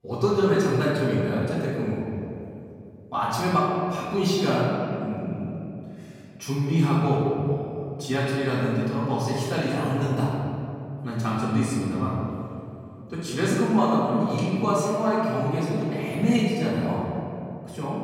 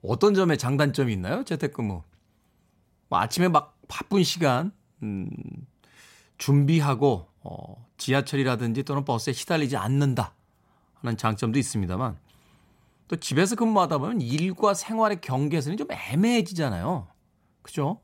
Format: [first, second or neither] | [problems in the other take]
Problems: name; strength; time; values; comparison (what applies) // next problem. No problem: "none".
second | off-mic speech; far // room echo; strong; dies away in 2.6 s